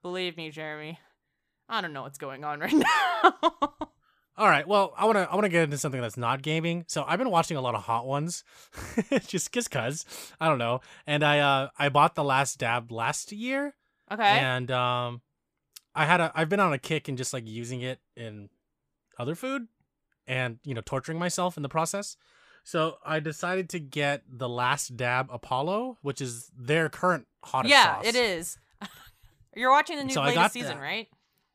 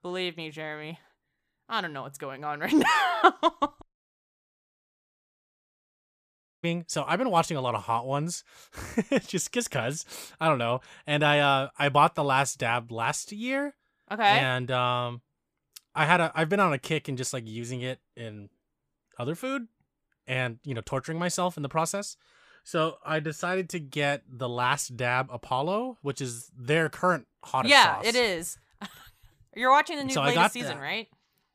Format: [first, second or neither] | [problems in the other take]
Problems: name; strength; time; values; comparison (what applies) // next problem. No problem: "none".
first | audio cutting out; at 4 s for 3 s